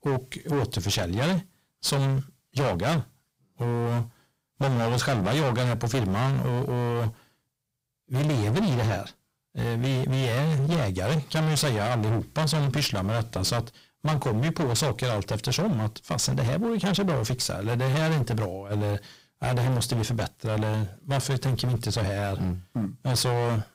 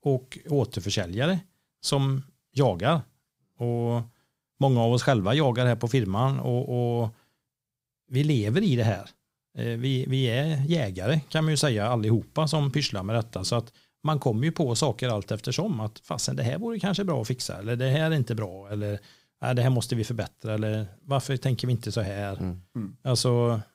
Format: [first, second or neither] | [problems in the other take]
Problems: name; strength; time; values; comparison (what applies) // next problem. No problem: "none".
second | distortion; heavy; 27% of the sound clipped